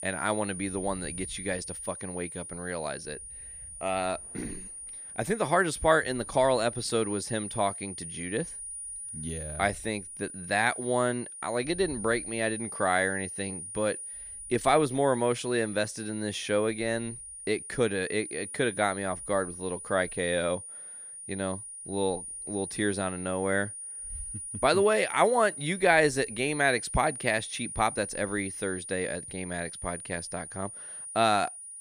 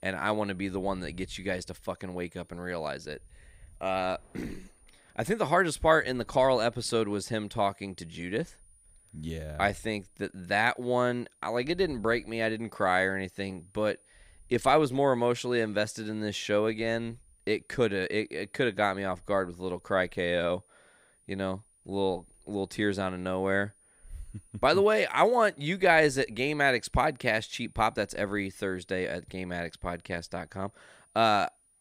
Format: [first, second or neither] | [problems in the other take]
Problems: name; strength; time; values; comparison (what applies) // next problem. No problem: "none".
second | high-pitched whine; loud; throughout; 9.5 kHz, 9 dB below the speech; faint in the second